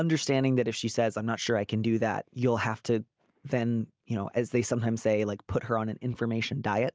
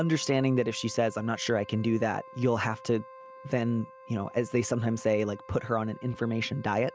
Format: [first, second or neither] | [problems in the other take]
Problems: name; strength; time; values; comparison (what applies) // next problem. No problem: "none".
first | background sound (Wind instrument, woodwind instrument); 19 dB below the speech